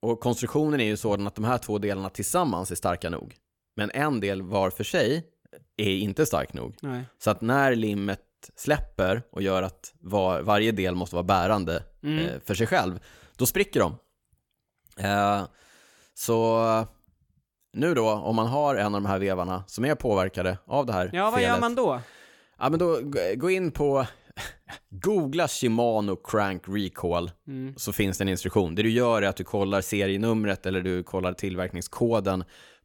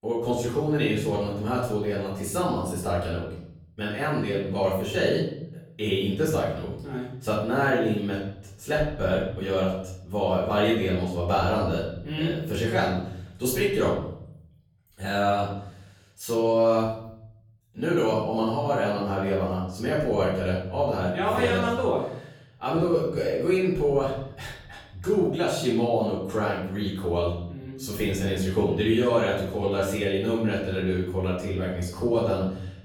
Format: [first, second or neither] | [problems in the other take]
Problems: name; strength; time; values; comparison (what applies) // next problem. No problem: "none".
first | off-mic speech; far // room echo; noticeable; dies away in 0.8 s